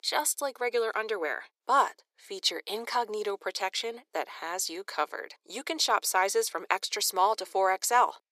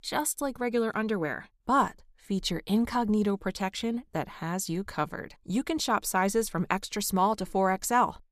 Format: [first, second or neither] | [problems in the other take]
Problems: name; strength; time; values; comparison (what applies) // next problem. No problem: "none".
second | thin; very; fading below 400 Hz